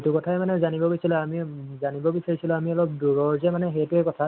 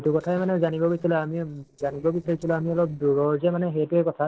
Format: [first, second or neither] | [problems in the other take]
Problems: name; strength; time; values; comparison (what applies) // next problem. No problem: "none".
first | noise reduction (neural separator model SepFormer DNS4)